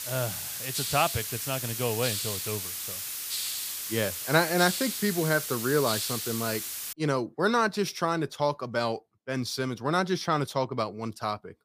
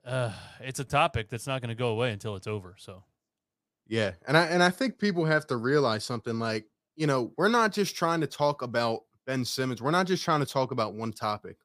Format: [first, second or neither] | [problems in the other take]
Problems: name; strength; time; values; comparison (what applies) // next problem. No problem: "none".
second | hiss; loud; until 7 s; 2 dB below the speech